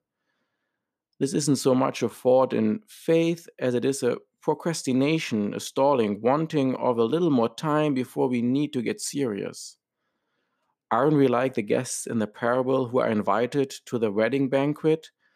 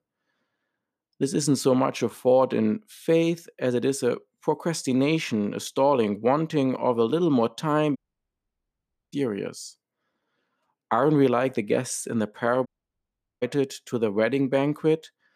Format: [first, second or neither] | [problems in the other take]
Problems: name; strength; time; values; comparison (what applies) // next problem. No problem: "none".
first | audio cutting out; at 8 s for 1 s and at 13 s for 1 s